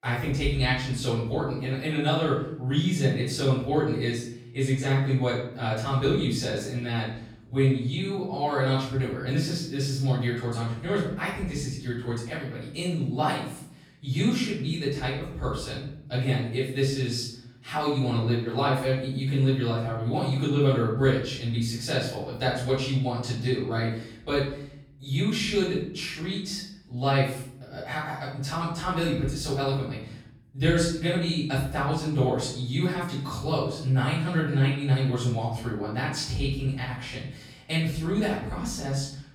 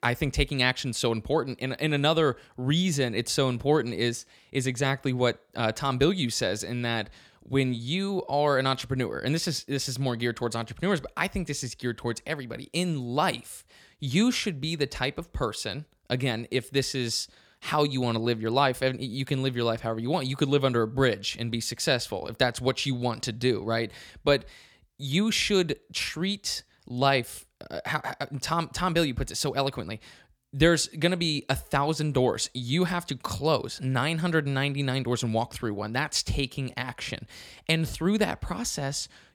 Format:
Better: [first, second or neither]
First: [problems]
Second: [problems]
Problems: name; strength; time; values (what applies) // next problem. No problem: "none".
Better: second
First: off-mic speech; far // room echo; noticeable; dies away in 0.8 s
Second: none